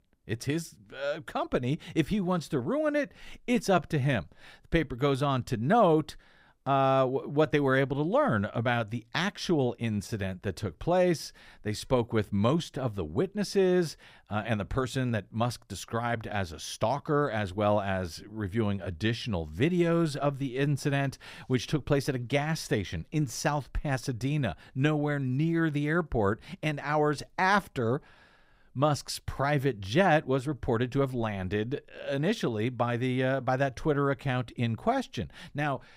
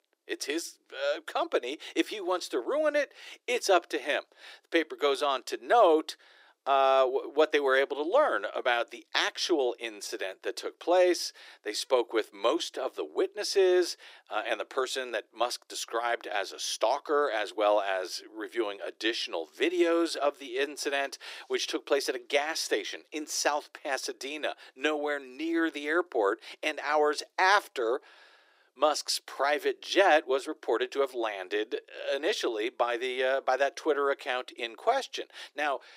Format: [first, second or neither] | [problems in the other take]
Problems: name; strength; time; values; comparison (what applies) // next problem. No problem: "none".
first | thin; very; fading below 350 Hz